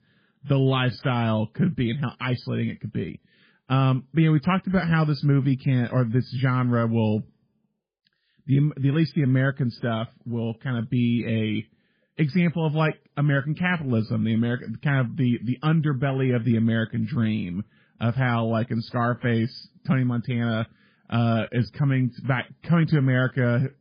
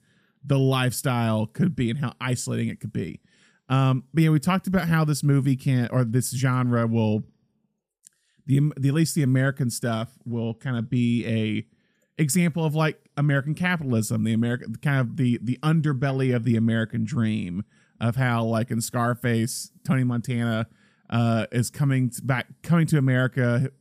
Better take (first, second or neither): second